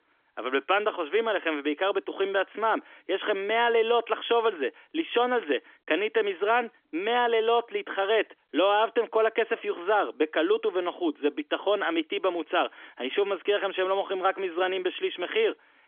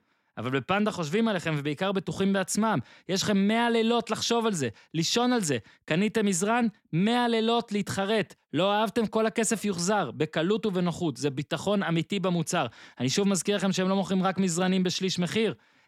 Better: second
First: phone-call audio; nothing above 3.5 kHz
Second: none

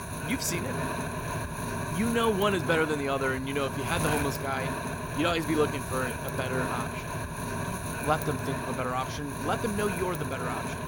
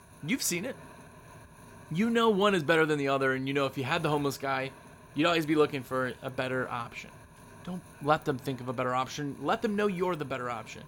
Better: second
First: wind noise on the microphone; heavy; 4 dB below the speech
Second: wind noise on the microphone; occasional gusts; 25 dB below the speech

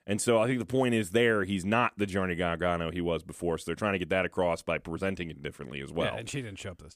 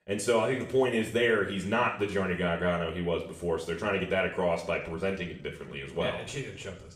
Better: first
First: none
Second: room echo; slight; dies away in 0.7 s // off-mic speech; somewhat distant

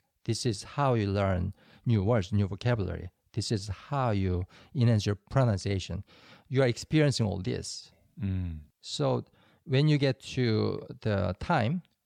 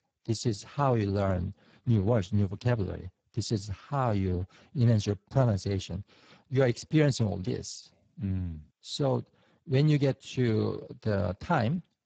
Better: first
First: none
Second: garbled, watery; badly; nothing above 8 kHz

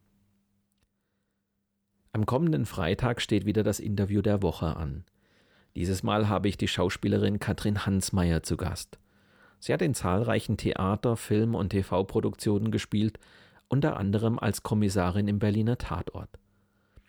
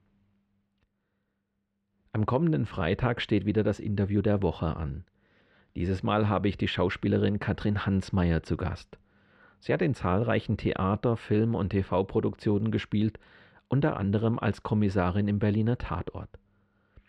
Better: first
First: none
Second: muffled; slightly; fading above 2.5 kHz

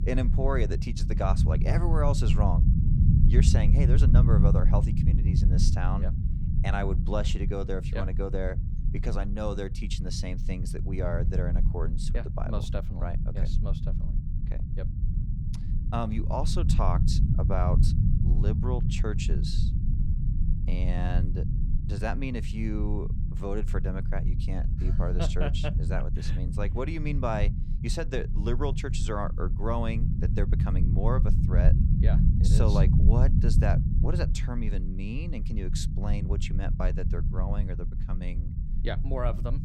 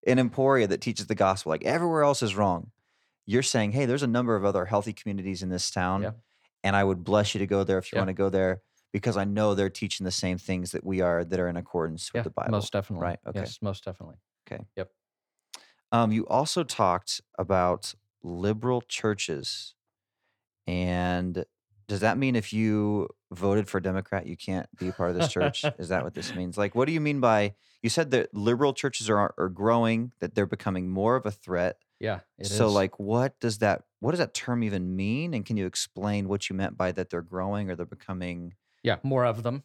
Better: second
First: low rumble; loud; throughout; 5 dB below the speech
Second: none

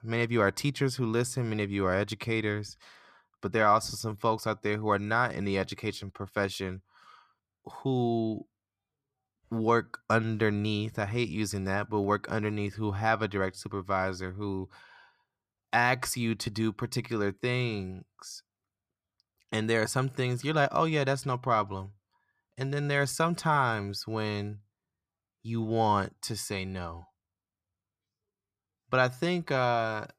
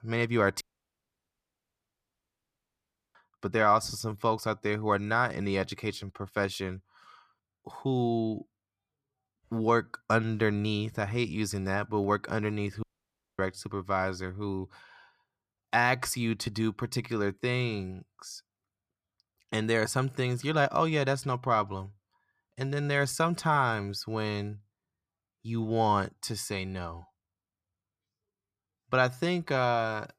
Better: first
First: none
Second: audio cutting out; at 0.5 s for 2.5 s and at 13 s for 0.5 s

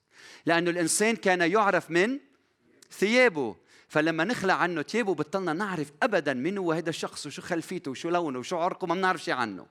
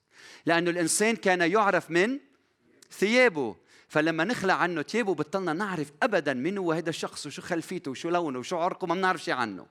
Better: neither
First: none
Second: none

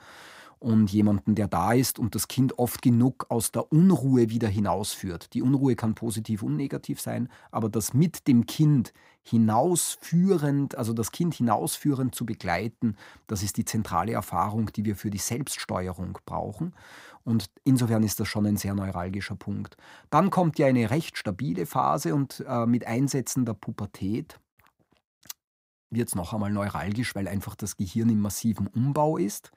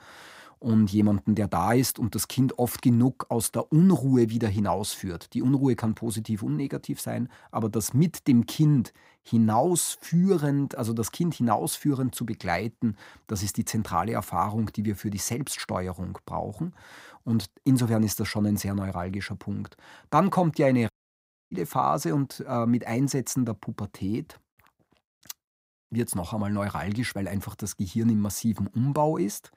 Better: first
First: none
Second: audio cutting out; at 21 s for 0.5 s

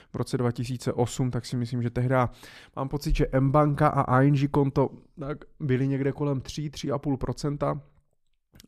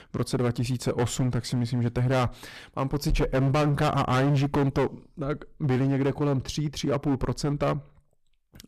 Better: first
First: none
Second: distortion; heavy; 14% of the sound clipped

